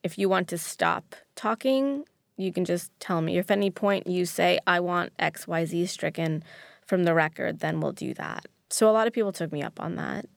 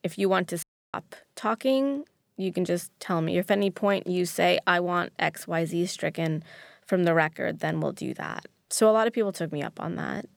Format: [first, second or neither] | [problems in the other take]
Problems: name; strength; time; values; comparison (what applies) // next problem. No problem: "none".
first | audio cutting out; at 0.5 s